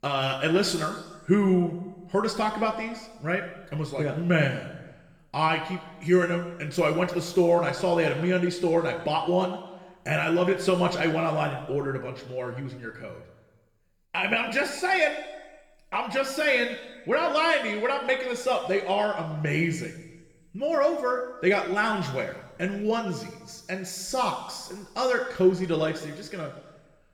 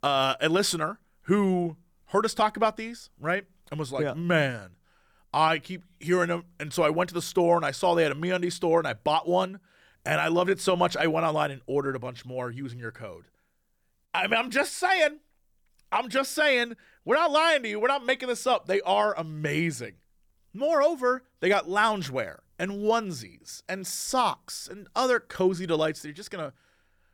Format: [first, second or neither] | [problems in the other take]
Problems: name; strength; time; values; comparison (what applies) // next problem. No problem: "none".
second | room echo; noticeable; dies away in 1.1 s // off-mic speech; somewhat distant